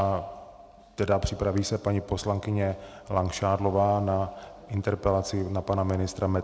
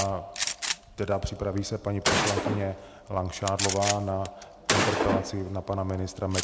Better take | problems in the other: first | background sound (Gunshot, gunfire); 1 dB below the speech

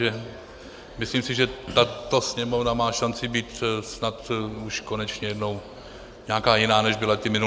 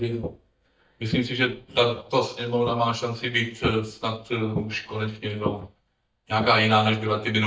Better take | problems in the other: first | noise reduction (neural mask model DeepFilterNet 3)

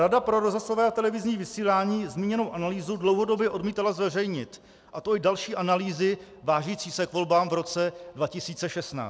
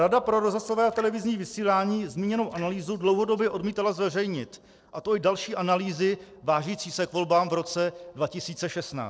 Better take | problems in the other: first | noise reduction (neural separator model SepFormer DNS4)

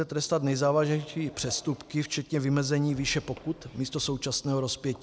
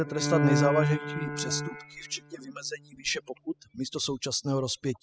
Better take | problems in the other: first | noise reduction (classical method spectral subtraction)

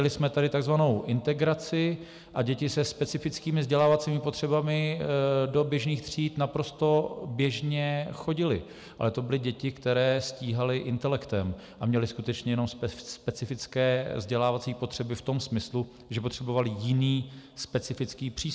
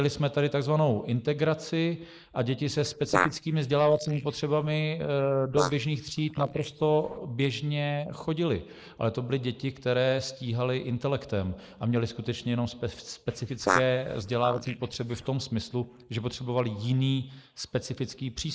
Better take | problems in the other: first | noise reduction (neural mask model Resemble Enhance denoiser)

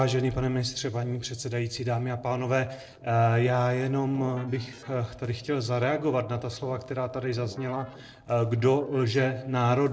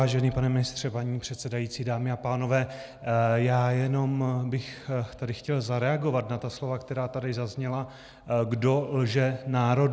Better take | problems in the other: second | noise reduction (neural separator model SepFormer DNS4)

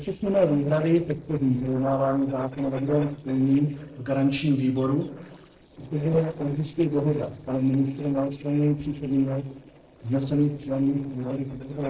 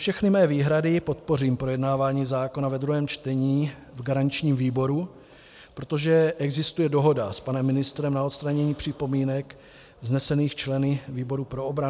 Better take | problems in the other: second | noise reduction (neural separator model SepFormer DNS4)

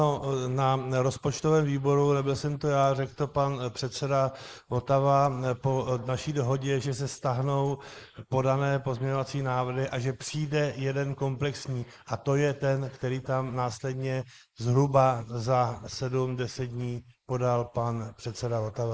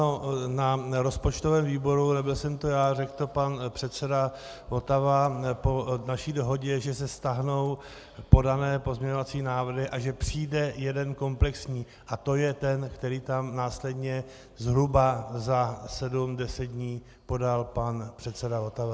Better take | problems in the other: second | noise reduction (neural mask model Resemble Enhance denoiser)

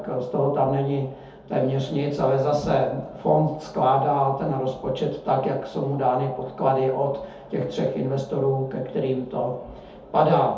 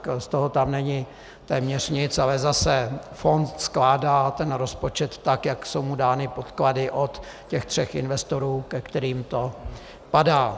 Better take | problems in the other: second | room echo; dies away in 0.6 s

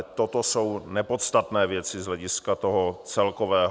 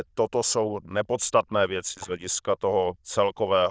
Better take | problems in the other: first | noise reduction (neural diffusion model UNIVERSE++)

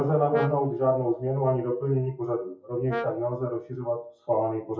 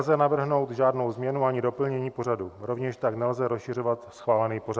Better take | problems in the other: second | noise reduction (classical method WPE with log-MMSE)

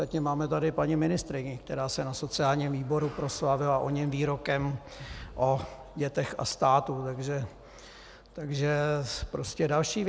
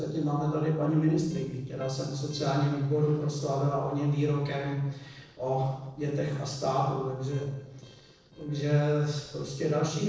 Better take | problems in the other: first | noise reduction (neural separator model SepFormer DNS4)

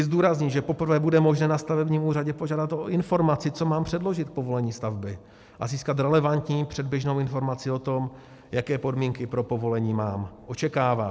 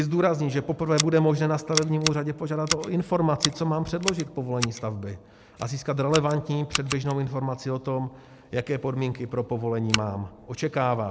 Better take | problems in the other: first | background sound (Scissors); 9 dB below the speech

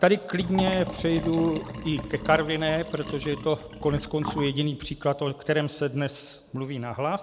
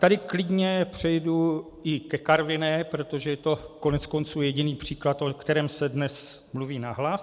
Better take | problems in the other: second | background sound (Liquid); 11 dB below the speech

